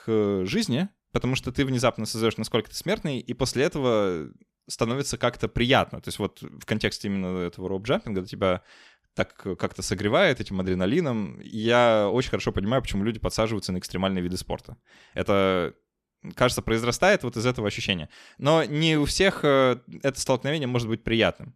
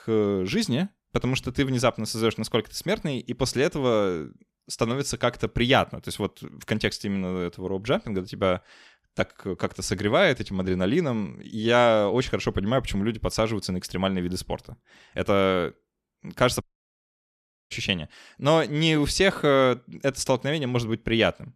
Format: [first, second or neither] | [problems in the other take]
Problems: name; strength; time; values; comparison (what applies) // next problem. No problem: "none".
first | audio cutting out; at 17 s for 1 s